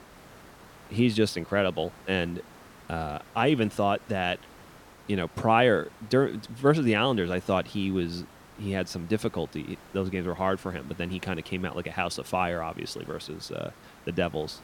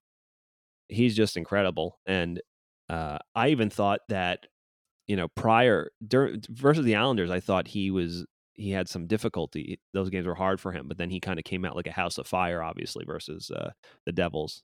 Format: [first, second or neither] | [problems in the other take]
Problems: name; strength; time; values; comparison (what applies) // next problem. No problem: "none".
second | hiss; faint; throughout; 20 dB below the speech